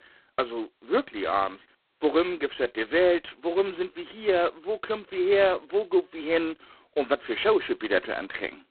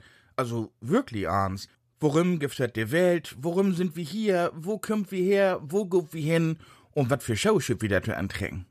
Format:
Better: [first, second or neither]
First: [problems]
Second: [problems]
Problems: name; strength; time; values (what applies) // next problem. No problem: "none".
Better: second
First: phone-call audio; poor line; nothing above 4 kHz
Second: none